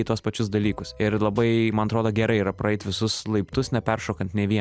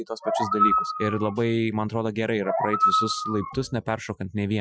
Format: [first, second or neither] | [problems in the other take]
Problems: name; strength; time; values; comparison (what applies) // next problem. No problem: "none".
first | noise reduction (classical method Wiener filter)